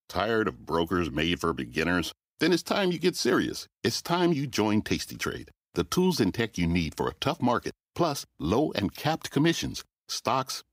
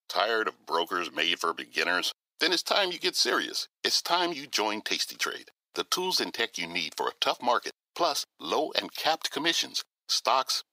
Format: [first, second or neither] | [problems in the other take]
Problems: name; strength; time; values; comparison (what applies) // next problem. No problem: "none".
first | thin; very; fading below 650 Hz